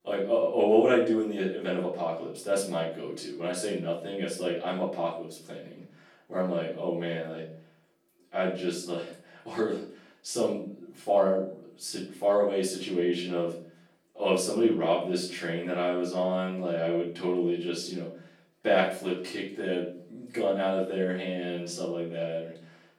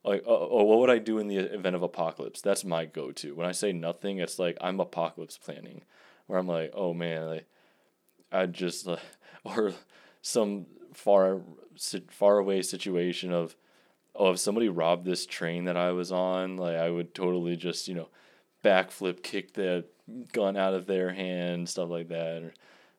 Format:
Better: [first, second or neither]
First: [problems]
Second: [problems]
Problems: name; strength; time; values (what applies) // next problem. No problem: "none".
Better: second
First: room echo; noticeable; dies away in 0.4 s // off-mic speech; far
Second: none